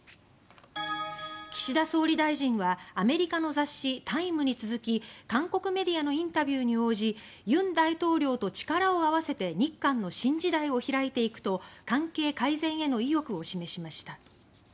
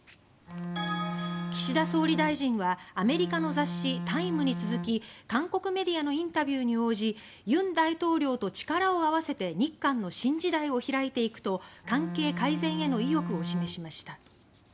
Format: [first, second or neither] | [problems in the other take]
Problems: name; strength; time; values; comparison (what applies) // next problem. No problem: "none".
first | background sound (Bowed string instrument); 5 dB below the speech